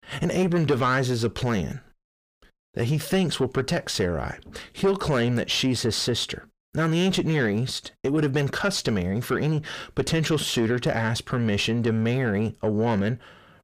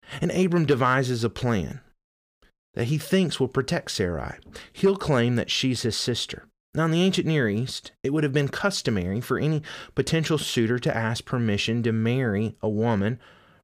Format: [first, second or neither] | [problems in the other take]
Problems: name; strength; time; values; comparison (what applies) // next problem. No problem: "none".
second | distortion; slight; 10 dB below the speech